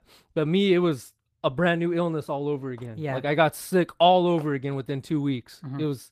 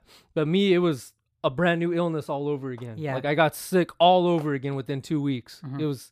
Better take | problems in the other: second | garbled, watery; slightly; nothing above 14.5 kHz

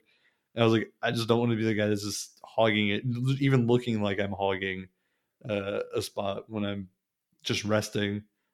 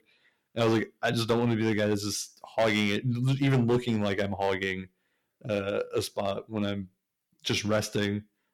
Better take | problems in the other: first | distortion; slight; 4% of the sound clipped

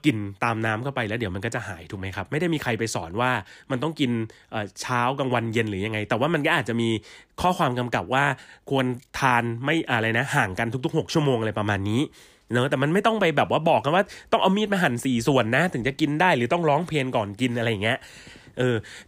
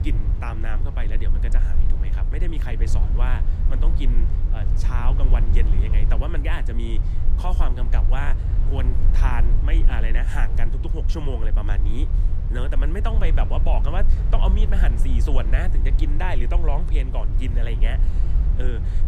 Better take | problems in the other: first | low rumble; loud; throughout; 8 dB below the speech

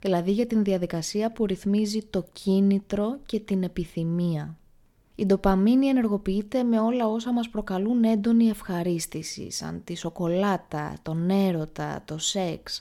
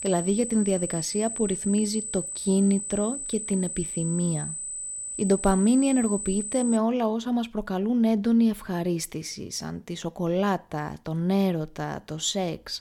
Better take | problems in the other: first | high-pitched whine; loud; until 7 s; 8 kHz, 5 dB below the speech

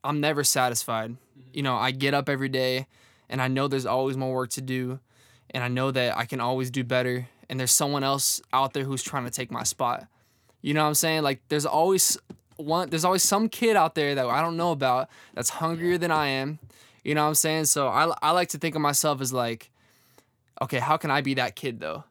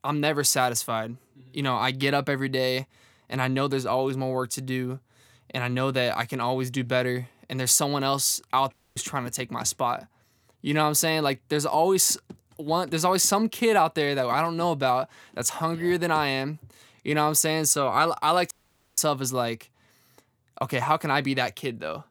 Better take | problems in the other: first | audio cutting out; at 8.5 s and at 19 s

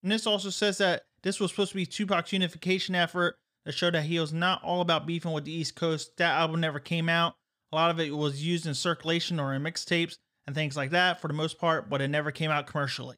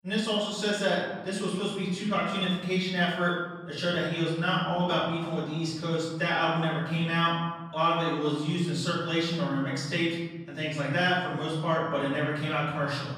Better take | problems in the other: first | room echo; noticeable; dies away in 1.3 s // off-mic speech; far

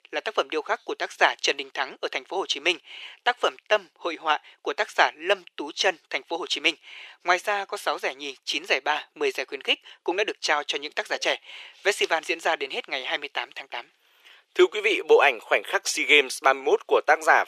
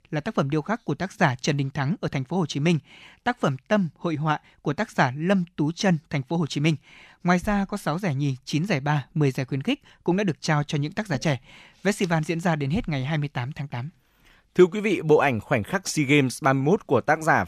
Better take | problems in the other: second | thin; very; fading below 400 Hz

